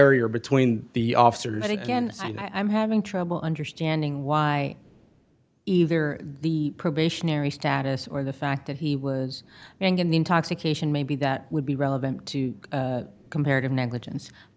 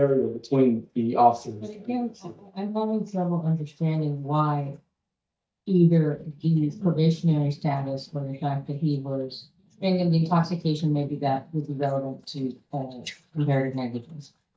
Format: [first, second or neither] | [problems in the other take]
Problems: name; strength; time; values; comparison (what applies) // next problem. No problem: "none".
first | noise reduction (neural mask model DeepFilterNet 3)